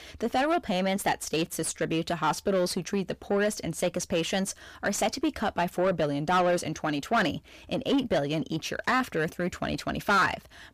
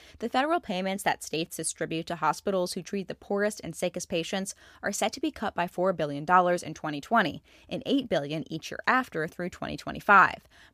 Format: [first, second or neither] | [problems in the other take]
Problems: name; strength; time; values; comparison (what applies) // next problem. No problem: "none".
second | distortion; heavy; 6 dB below the speech